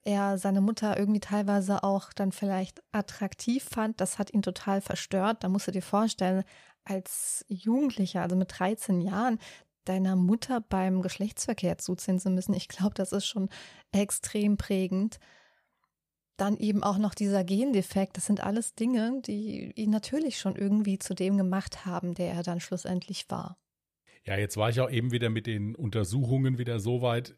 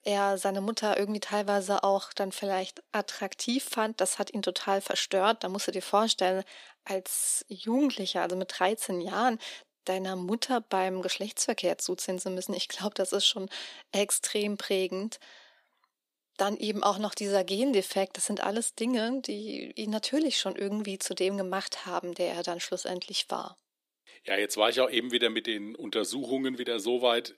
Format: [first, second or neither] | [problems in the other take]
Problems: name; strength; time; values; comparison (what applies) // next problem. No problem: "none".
first | thin; somewhat; fading below 250 Hz